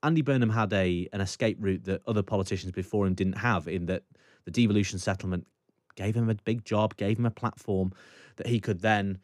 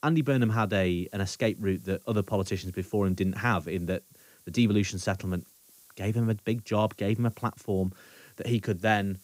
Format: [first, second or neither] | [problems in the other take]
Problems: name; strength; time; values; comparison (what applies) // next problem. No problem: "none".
first | hiss; faint; throughout; 25 dB below the speech